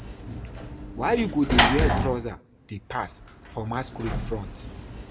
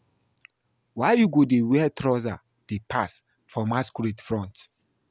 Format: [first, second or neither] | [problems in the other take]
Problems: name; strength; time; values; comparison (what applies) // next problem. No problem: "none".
second | background sound (Sliding door / Slam); 1 dB above the speech // room echo; dies away in 0.3 s